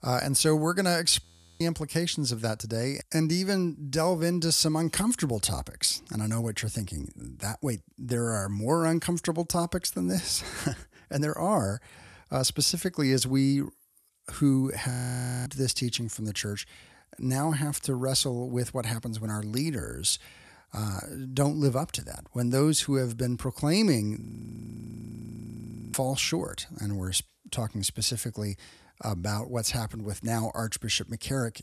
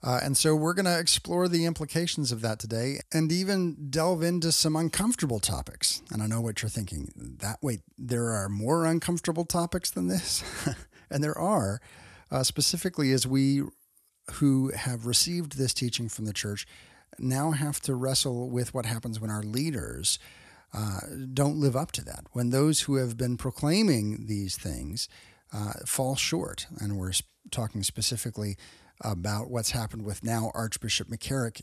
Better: second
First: audio freezing; at 1 s, at 15 s for 0.5 s and at 24 s for 1.5 s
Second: none

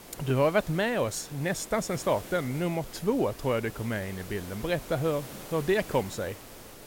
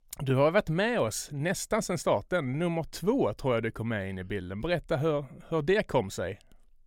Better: second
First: hiss; noticeable; throughout; 15 dB below the speech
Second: none

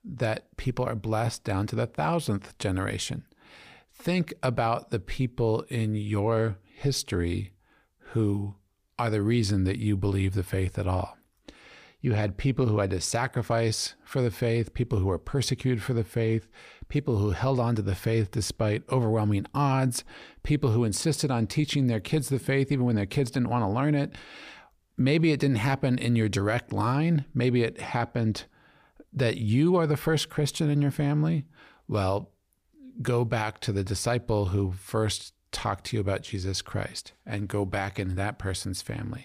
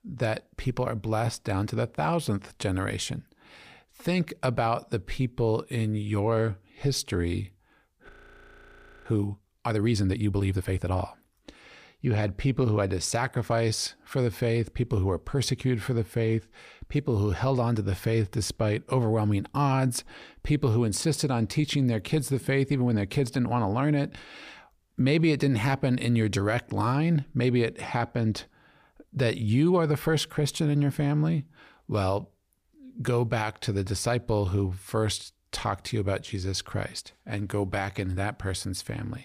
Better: first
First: none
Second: audio freezing; at 8 s for 1 s

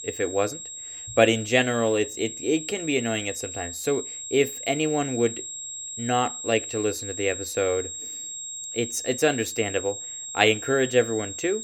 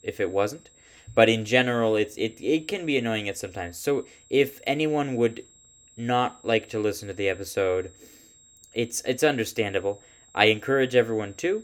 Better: second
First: high-pitched whine; loud; throughout; 7.5 kHz, 8 dB below the speech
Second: high-pitched whine; faint; throughout; 7.5 kHz, 30 dB below the speech

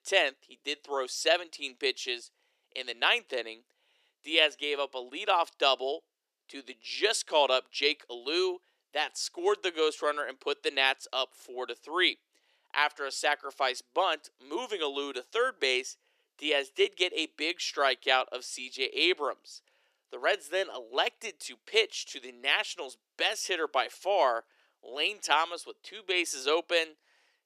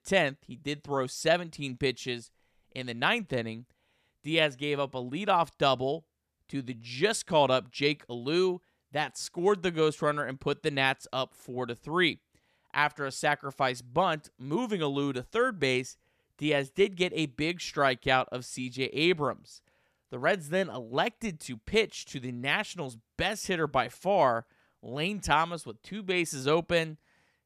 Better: second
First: thin; very; fading below 350 Hz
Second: none

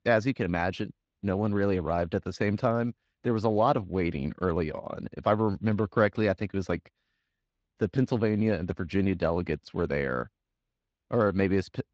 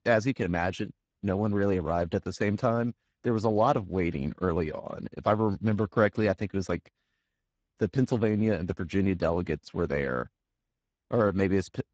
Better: first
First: garbled, watery; slightly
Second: garbled, watery; badly; nothing above 7.5 kHz

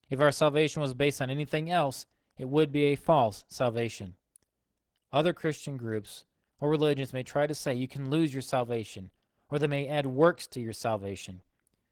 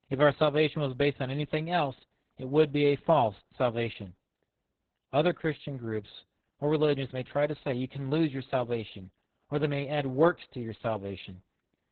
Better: first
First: garbled, watery; slightly; nothing above 18.5 kHz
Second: garbled, watery; badly; nothing above 4 kHz

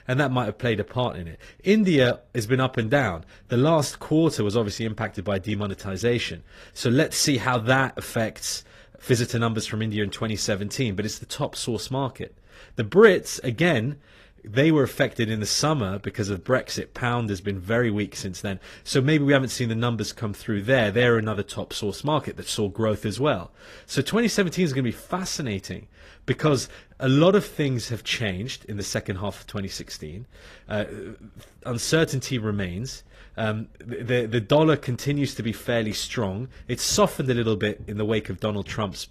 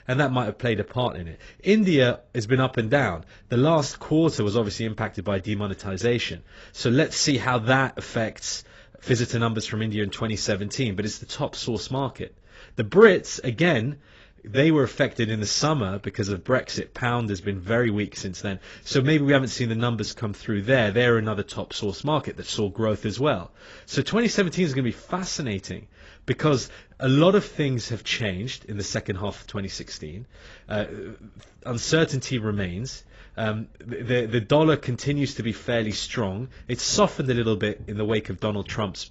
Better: first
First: garbled, watery; slightly; nothing above 14.5 kHz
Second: garbled, watery; badly; nothing above 7.5 kHz

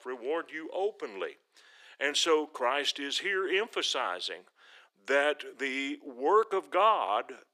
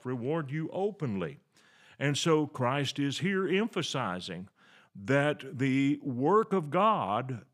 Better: second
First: thin; very; fading below 350 Hz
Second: none

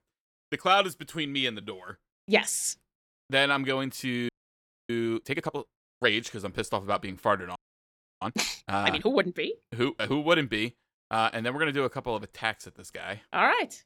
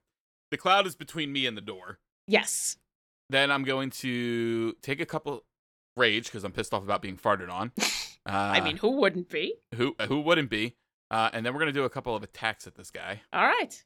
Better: second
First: audio freezing; at 4.5 s for 0.5 s and at 7.5 s for 0.5 s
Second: none

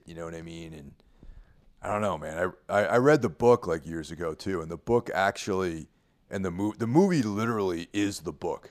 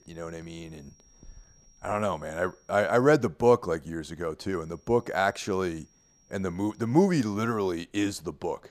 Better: first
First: none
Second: high-pitched whine; faint; until 3 s and from 4.5 to 7.5 s; 5.5 kHz, 35 dB below the speech

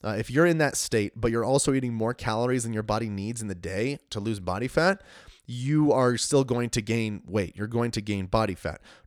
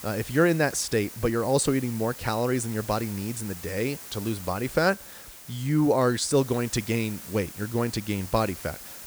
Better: first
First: none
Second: hiss; noticeable; throughout; 15 dB below the speech

